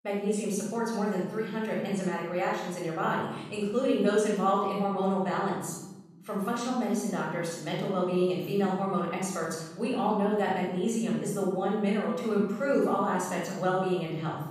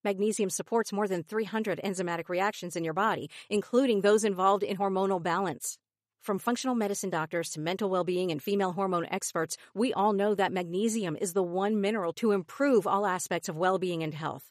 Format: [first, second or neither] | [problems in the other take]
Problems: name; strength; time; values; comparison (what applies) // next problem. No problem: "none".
second | off-mic speech; far // room echo; noticeable; dies away in 1.2 s